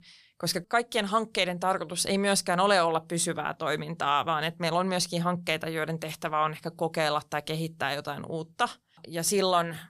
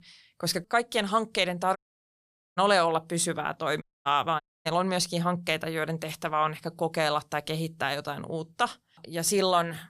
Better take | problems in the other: first | audio cutting out; at 2 s for 1 s, at 4 s and at 4.5 s

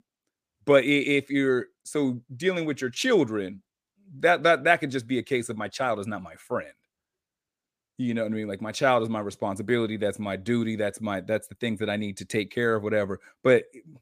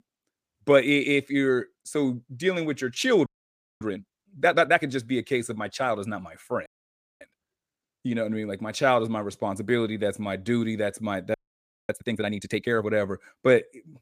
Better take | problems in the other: first | audio freezing; at 3.5 s for 0.5 s, at 6.5 s for 0.5 s and at 11 s for 0.5 s

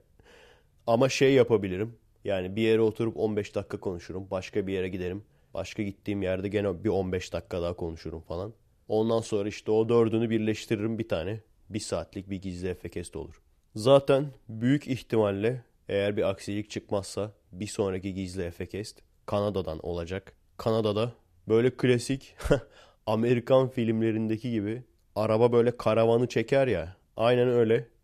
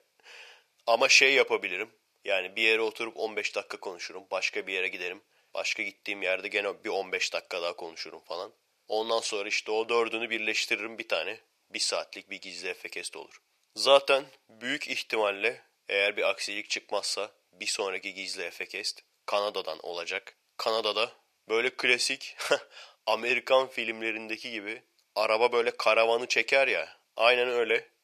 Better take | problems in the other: first | thin; very; fading below 750 Hz

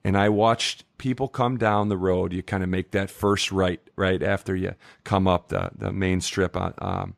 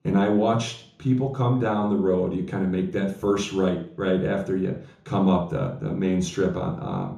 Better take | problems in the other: first | room echo; slight; dies away in 0.5 s // off-mic speech; somewhat distant

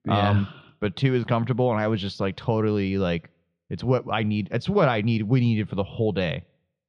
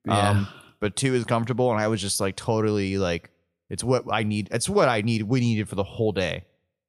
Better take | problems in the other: second | muffled; slightly; fading above 3.5 kHz

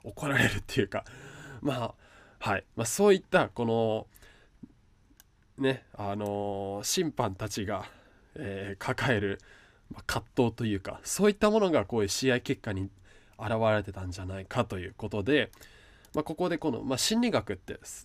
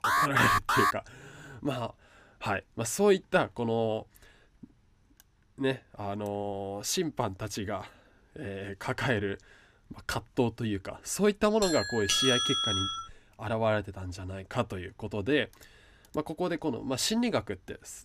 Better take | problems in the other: first | alarm; loud; at the start; peak 6 dB above the speech // doorbell; loud; from 12 to 13 s; peak 6 dB above the speech

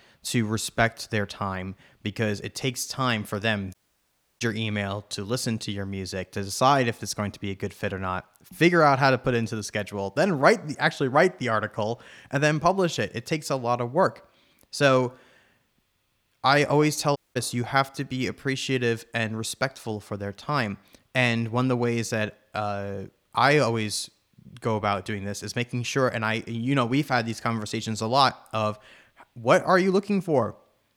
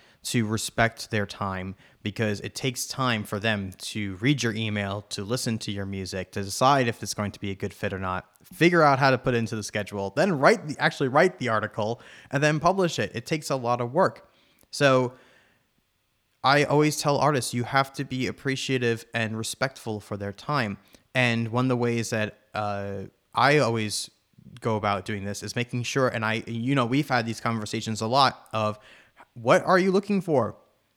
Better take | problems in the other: second | audio cutting out; at 3.5 s for 0.5 s and at 17 s

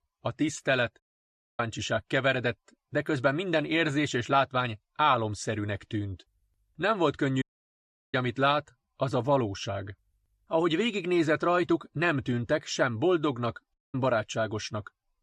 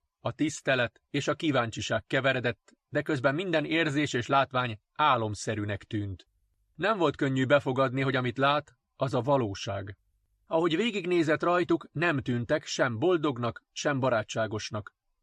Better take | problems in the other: second | audio cutting out; at 1 s for 0.5 s, at 7.5 s for 0.5 s and at 14 s

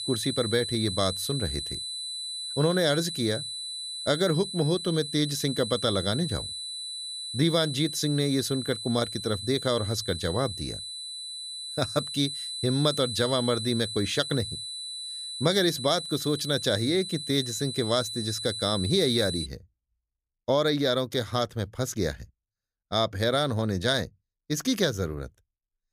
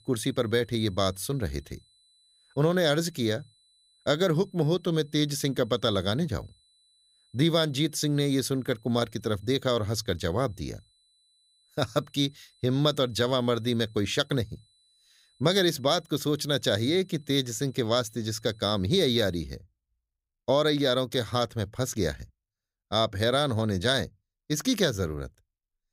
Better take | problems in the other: second | high-pitched whine; loud; until 19 s; 4 kHz, 6 dB below the speech; faint in the second

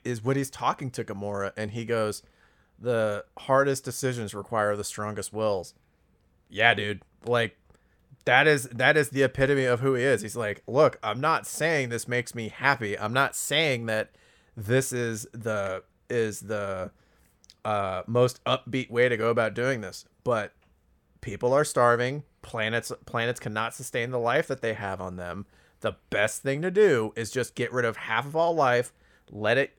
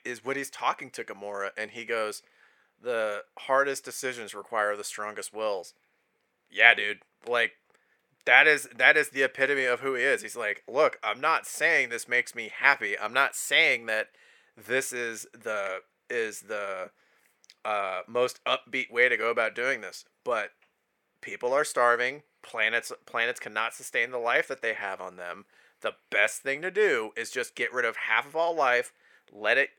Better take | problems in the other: first | thin; somewhat; fading below 400 Hz

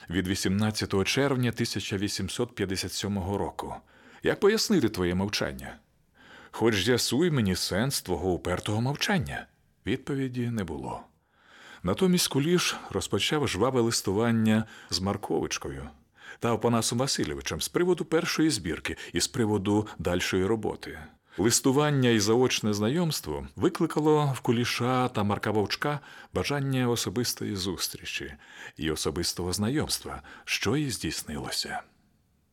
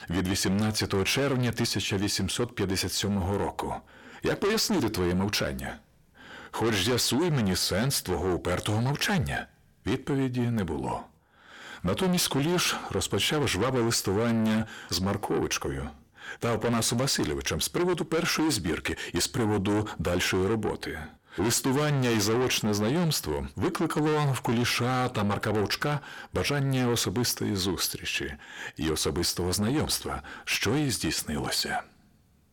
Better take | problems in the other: first | distortion; heavy; 7 dB below the speech

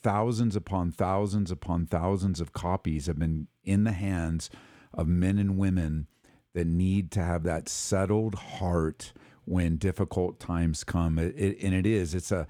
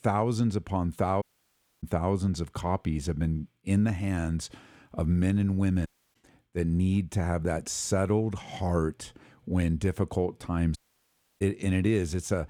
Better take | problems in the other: first | audio cutting out; at 1 s for 0.5 s, at 6 s and at 11 s for 0.5 s

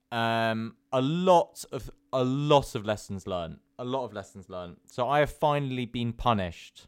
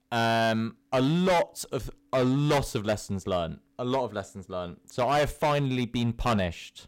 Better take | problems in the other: first | distortion; heavy; 9% of the sound clipped

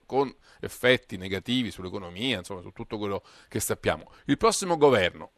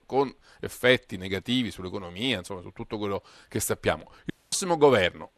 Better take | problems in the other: first | audio cutting out; at 4.5 s

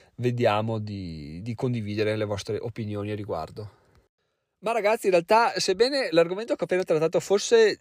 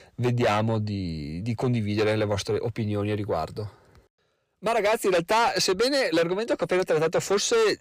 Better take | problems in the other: first | distortion; heavy; 7 dB below the speech

